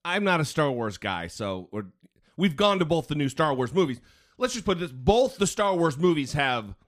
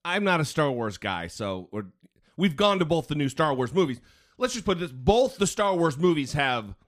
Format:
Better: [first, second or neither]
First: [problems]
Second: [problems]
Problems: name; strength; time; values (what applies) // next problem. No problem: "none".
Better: neither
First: none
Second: none